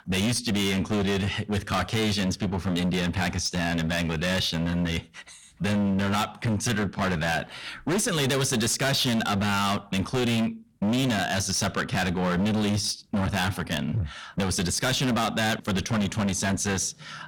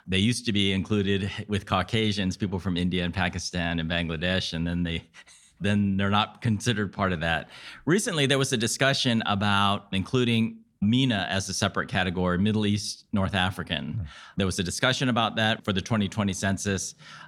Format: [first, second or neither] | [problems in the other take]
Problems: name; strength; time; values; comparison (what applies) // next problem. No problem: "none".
second | distortion; heavy; 25% of the sound clipped